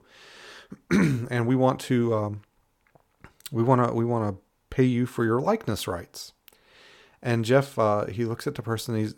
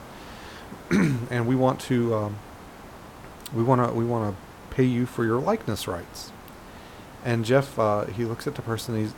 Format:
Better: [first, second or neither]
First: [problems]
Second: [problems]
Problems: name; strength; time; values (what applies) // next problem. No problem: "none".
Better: first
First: none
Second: hiss; noticeable; throughout; 20 dB below the speech